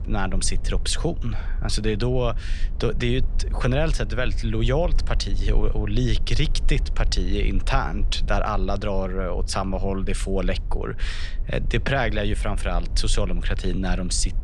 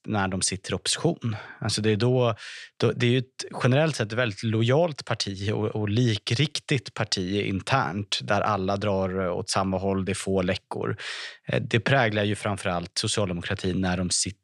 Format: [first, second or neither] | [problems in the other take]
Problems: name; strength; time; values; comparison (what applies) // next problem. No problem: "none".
second | low rumble; faint; throughout; 20 dB below the speech